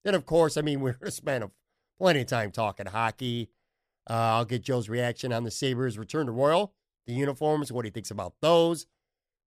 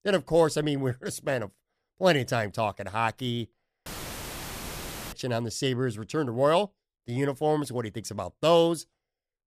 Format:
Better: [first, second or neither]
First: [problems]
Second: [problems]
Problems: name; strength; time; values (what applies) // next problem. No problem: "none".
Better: first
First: none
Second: audio cutting out; filled with static; at 4 s for 1.5 s